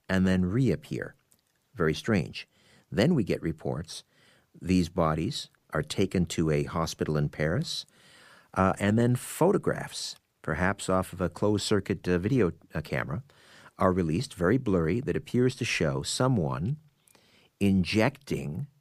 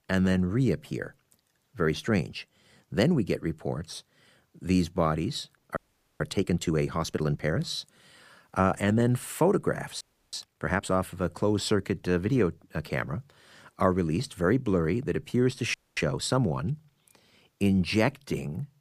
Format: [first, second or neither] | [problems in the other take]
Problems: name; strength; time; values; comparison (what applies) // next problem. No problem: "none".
first | audio freezing; at 6 s, at 10 s and at 16 s